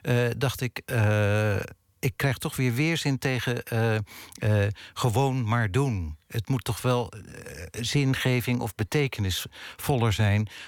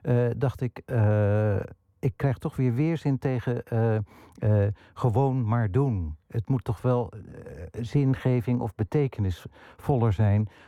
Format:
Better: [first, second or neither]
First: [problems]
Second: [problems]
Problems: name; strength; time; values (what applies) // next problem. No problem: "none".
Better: first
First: none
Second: muffled; very; fading above 1.5 kHz